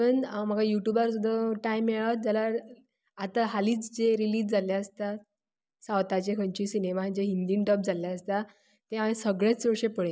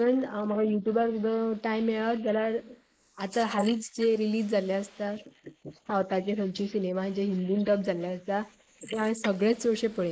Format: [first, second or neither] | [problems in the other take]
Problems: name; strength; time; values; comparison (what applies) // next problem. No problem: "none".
first | noise reduction (neural mask model Resemble Enhance denoiser)